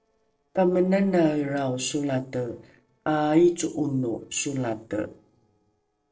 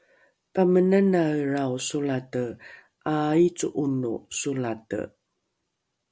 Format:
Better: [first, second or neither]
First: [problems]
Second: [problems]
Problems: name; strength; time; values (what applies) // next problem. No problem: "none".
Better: second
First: noise reduction (neural separator model SepFormer DNS4)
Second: none